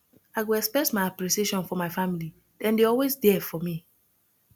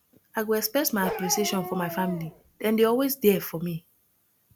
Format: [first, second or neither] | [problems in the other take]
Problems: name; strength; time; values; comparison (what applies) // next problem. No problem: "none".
first | background sound (Bark); 10 dB below the speech